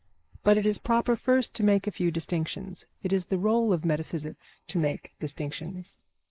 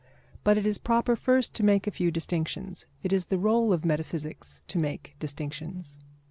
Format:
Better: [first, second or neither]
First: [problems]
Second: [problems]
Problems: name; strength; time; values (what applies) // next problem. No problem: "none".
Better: second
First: noise reduction (neural mask model Resemble Enhance denoiser)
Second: none